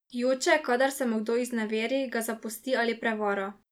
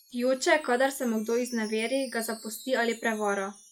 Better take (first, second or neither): first